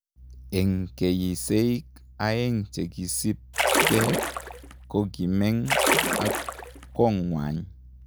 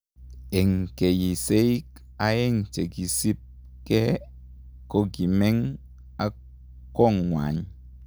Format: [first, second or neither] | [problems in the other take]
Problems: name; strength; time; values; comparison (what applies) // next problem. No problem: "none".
second | background sound (Splash, splatter); 1 dB above the speech